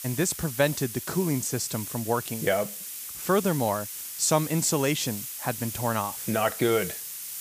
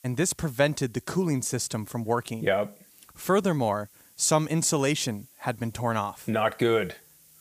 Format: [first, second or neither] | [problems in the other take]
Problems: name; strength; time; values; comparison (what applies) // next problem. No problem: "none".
second | hiss; loud; throughout; 7 dB below the speech; faint in the second